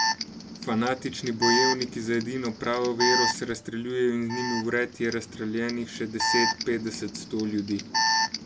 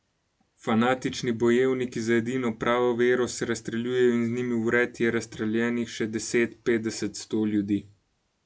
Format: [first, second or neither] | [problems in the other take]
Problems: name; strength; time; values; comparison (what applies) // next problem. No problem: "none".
second | background sound (Alarm); 1 dB below the speech